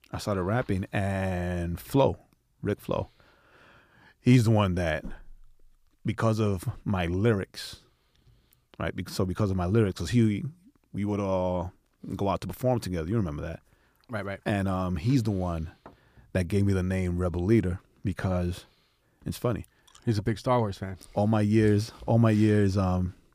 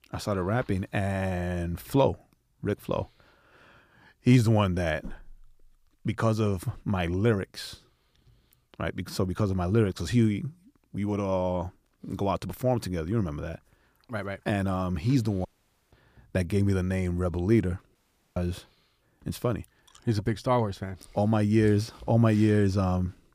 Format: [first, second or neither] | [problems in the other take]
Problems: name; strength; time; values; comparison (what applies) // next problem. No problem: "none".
first | audio cutting out; at 15 s and at 18 s